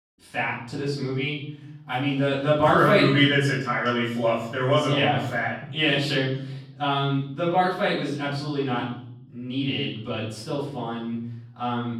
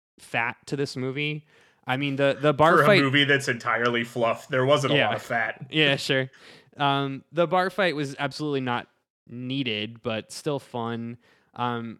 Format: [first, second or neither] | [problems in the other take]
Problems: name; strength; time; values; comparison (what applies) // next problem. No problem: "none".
second | off-mic speech; far // room echo; noticeable; dies away in 0.9 s